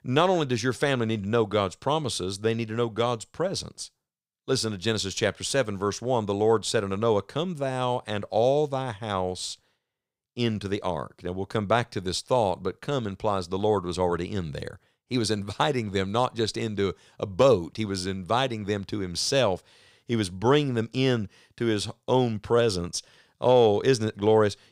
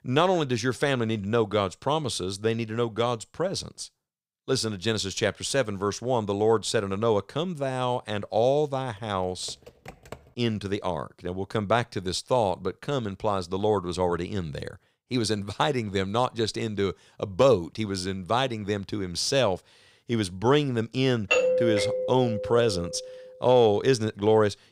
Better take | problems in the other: first | keyboard typing; faint; from 9 to 10 s; peak 20 dB below the speech // doorbell; loud; from 21 to 23 s; peak 4 dB above the speech

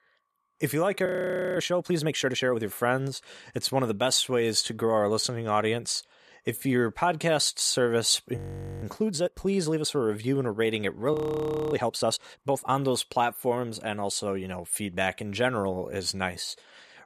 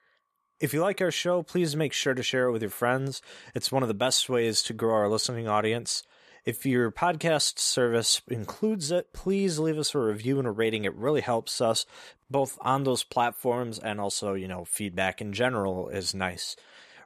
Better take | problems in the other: second | audio freezing; at 1 s for 0.5 s, at 8.5 s and at 11 s for 0.5 s

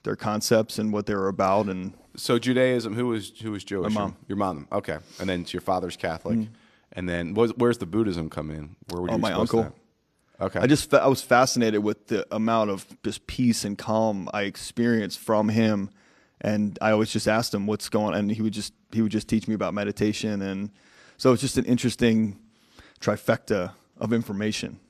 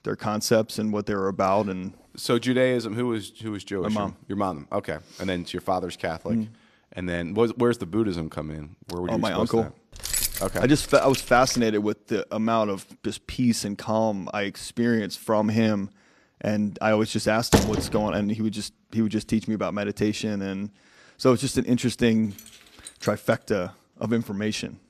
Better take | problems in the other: first | jangling keys; loud; from 10 to 12 s; peak level with the speech // door banging; loud; at 18 s; peak 3 dB above the speech // jangling keys; faint; from 22 to 23 s; peak 15 dB below the speech

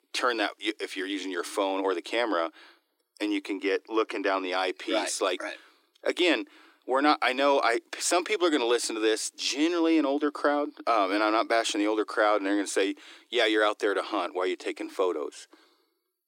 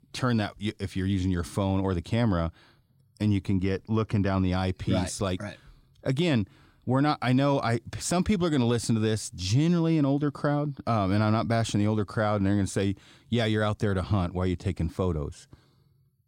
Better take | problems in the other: second | thin; very; fading below 300 Hz

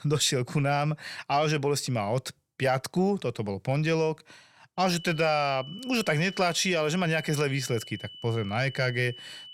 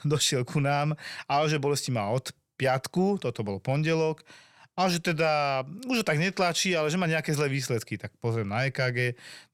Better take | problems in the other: second | high-pitched whine; noticeable; from 5 s on; 3 kHz, 15 dB below the speech

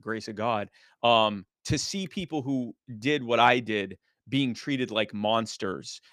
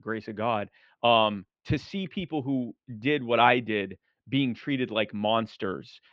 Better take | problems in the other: first | muffled; very; fading above 3 kHz

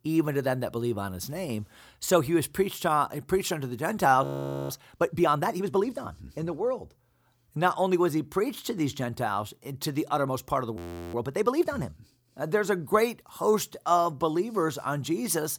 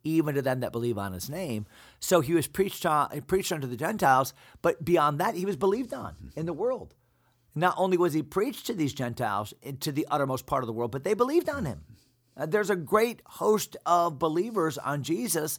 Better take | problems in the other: second | audio freezing; at 4 s and at 11 s

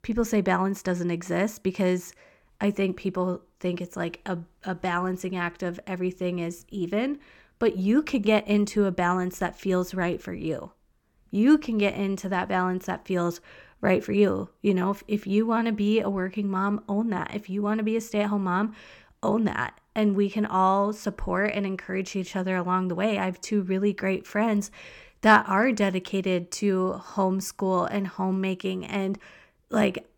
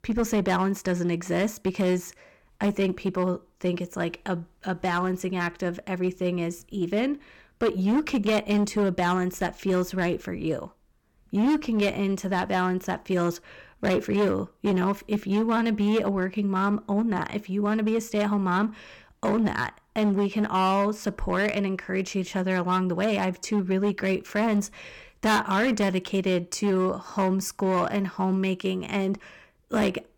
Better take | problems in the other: first | distortion; slight; 8% of the sound clipped

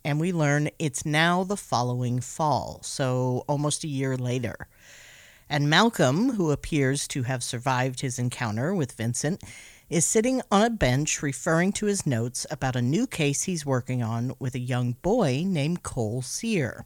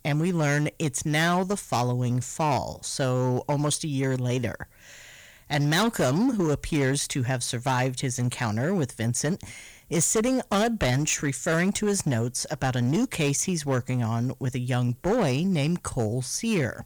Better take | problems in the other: first | distortion; slight; 9% of the sound clipped

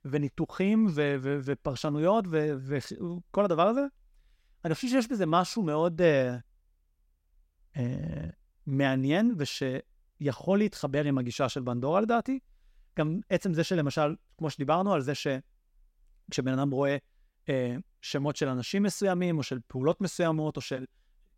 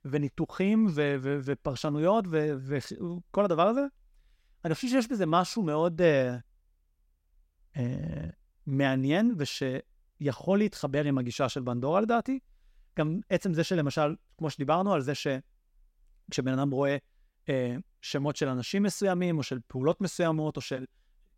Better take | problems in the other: neither | none

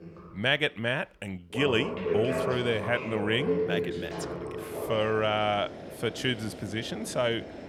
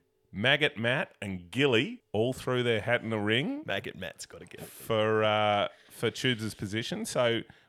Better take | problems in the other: second | household noises; loud; throughout; 5 dB below the speech

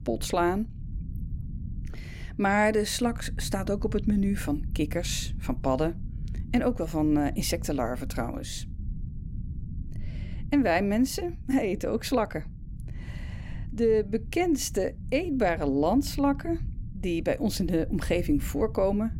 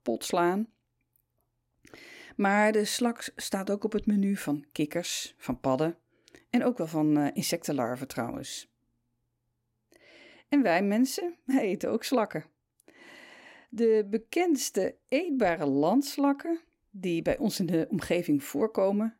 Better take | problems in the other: second | low rumble; faint; throughout; 25 dB below the speech

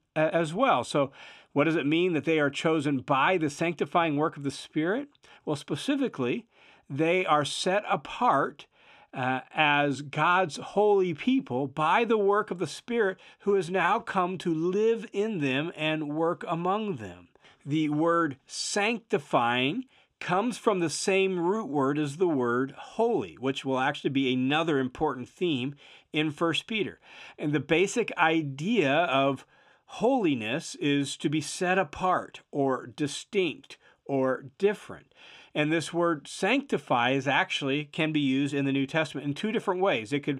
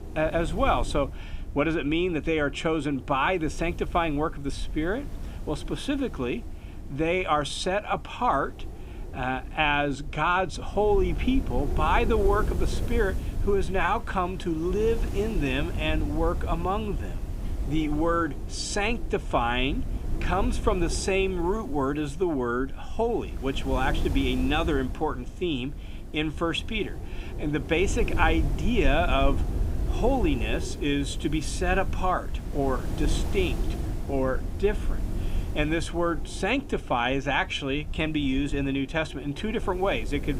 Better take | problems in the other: first | wind noise on the microphone; occasional gusts; 15 dB below the speech

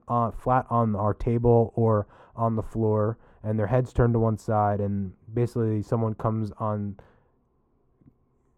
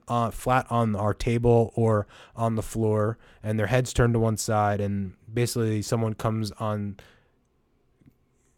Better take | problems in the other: second | muffled; very; fading above 2 kHz

